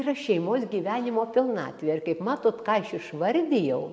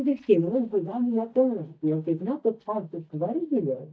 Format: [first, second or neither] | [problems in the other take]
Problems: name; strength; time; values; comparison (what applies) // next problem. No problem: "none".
first | noise reduction (neural mask model DeepFilterNet 3)